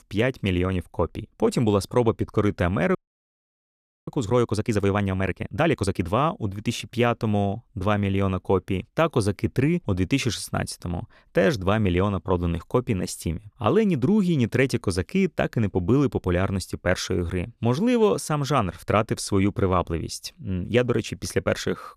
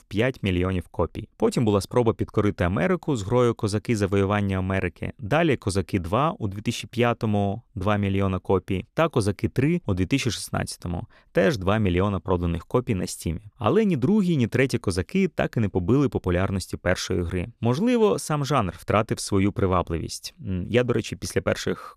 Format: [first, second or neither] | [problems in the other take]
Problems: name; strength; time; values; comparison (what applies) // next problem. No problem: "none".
second | audio freezing; at 3 s for 1 s